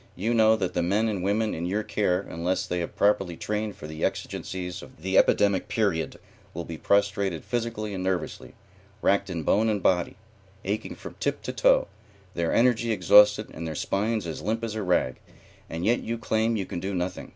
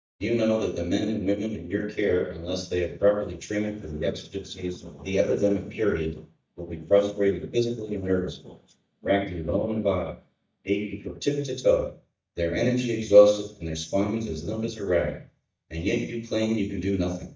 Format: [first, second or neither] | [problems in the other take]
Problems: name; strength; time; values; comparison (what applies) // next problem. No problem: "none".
first | noise reduction (neural mask model DeepFilterNet 3)